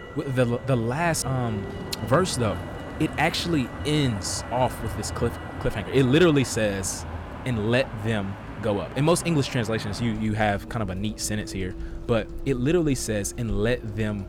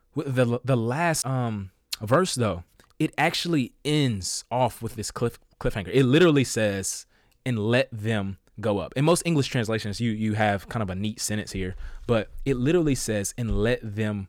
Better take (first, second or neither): second